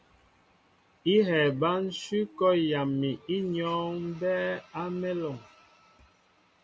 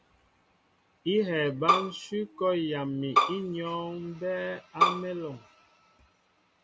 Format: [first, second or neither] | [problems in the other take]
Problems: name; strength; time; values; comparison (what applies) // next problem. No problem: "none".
first | background sound (Bowed string instrument); 5 dB above the speech